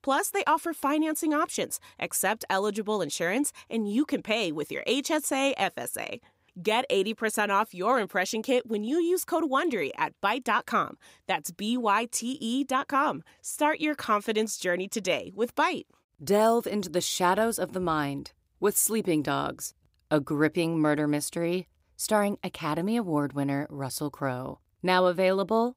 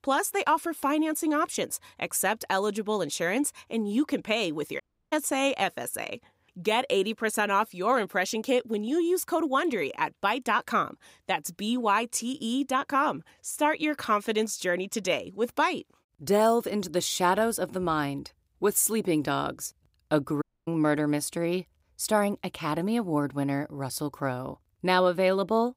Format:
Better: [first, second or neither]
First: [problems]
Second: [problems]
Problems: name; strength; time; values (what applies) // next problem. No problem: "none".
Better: first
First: none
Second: audio cutting out; at 5 s and at 20 s